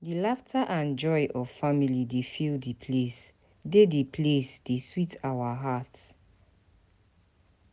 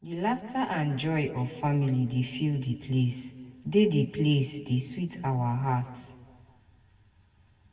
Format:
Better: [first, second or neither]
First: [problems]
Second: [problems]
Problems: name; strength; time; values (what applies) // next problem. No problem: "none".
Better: first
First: none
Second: room echo; dies away in 1.6 s